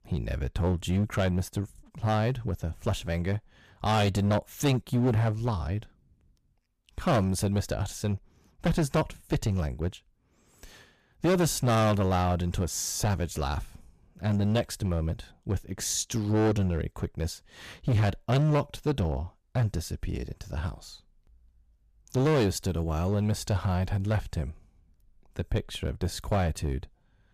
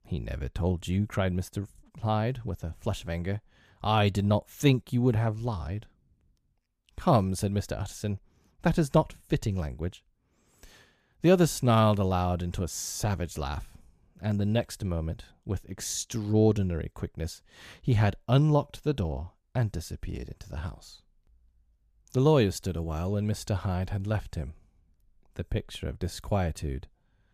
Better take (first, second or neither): second